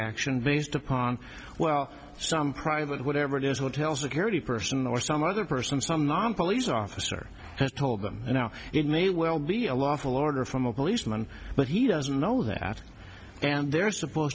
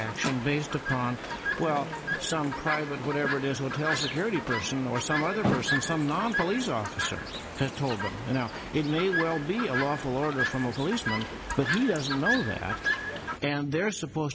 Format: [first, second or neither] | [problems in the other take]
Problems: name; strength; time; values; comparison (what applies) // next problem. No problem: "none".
first | background sound (Chirp, tweet); 4 dB below the speech